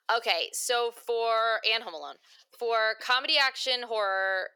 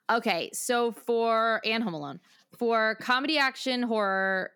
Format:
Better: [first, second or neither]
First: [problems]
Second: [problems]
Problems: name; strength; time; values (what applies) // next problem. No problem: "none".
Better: second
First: thin; very; fading below 500 Hz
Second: none